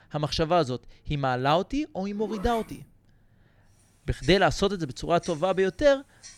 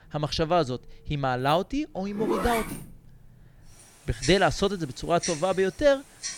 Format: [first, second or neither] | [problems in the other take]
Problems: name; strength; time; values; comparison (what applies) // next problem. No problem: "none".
first | household noises; loud; throughout; 7 dB below the speech; faint in the first